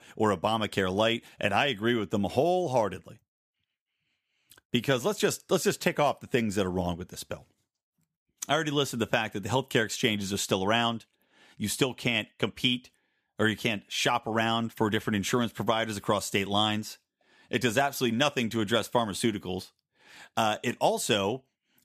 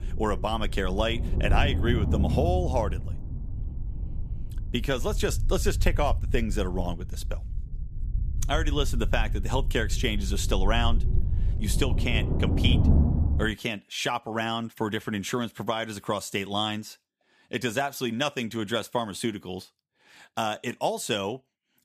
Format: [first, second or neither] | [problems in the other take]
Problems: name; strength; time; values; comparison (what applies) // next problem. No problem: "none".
first | low rumble; noticeable; until 13 s; 10 dB below the speech